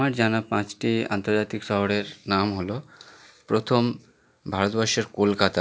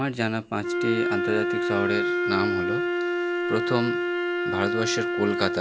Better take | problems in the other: first | background sound (Wind instrument, woodwind instrument); 2 dB above the speech

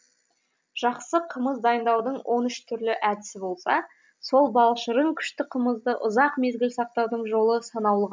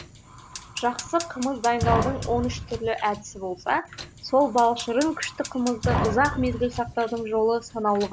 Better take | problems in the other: first | background sound (Fire); 7 dB below the speech

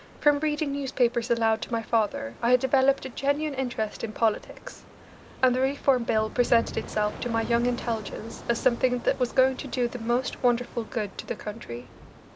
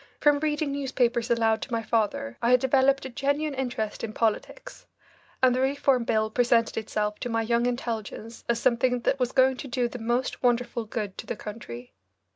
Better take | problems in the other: second | background sound (Ocean + Thunder); 16 dB below the speech

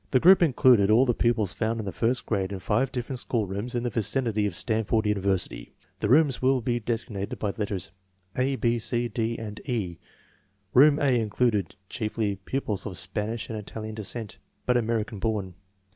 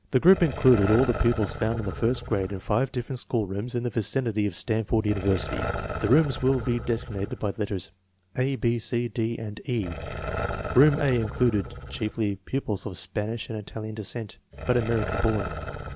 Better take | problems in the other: first | background sound (Growling); 9 dB below the speech

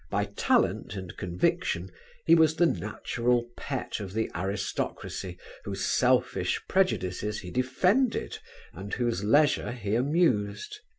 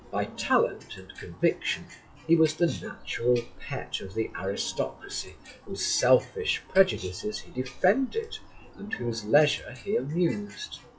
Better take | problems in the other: first | noise reduction (classical method WPE with log-MMSE)

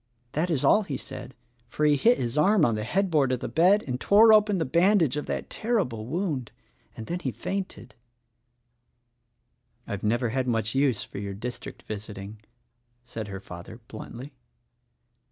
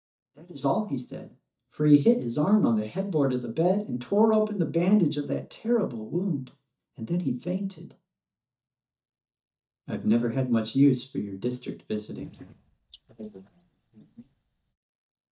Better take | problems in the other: first | noise reduction (neural mask model DeepFilterNet 3)

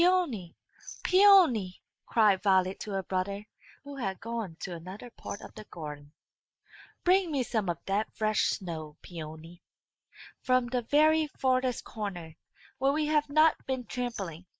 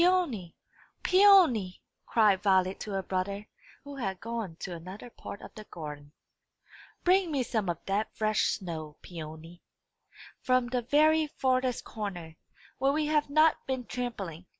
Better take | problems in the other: second | noise reduction (neural mask model Resemble Enhance denoiser)

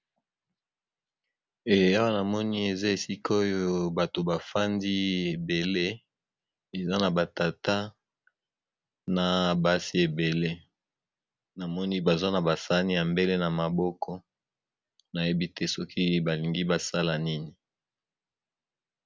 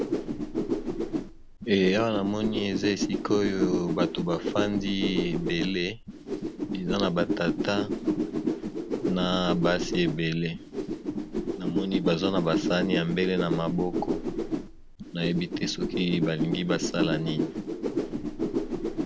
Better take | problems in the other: first | background sound (Whoosh, swoosh, swish); 1 dB below the speech

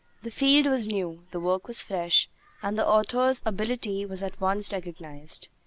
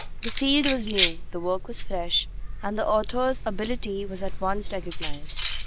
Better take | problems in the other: first | background sound (Keys jangling); 1 dB below the speech

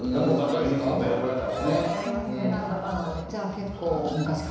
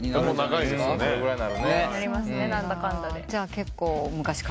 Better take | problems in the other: second | background sound (Livestock, farm animals, working animals); 19 dB below the speech // room echo; dies away in 1 s

